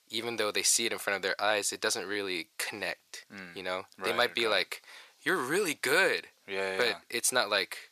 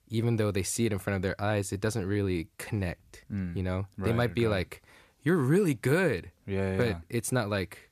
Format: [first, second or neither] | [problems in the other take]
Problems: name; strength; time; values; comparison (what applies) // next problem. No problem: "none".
second | thin; very; fading below 600 Hz